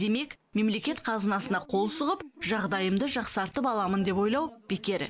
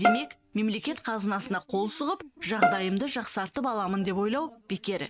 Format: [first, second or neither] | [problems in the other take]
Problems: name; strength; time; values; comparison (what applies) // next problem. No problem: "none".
first | noise reduction (neural mask model RNNoise)